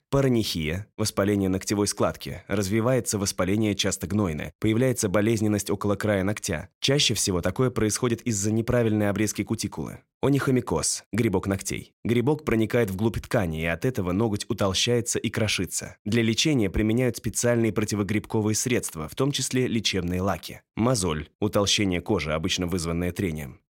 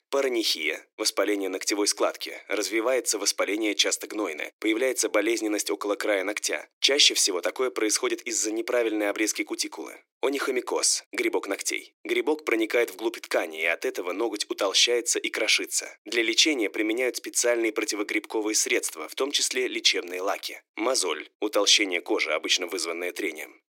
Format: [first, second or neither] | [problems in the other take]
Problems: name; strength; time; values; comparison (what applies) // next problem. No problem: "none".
first | thin; very; fading below 300 Hz